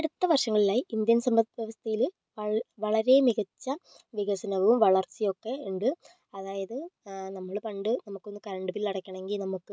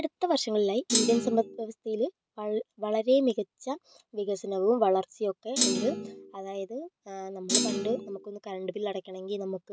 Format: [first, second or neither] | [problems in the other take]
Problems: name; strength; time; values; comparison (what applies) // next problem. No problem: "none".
first | background sound (Thump, thud); as loud as the speech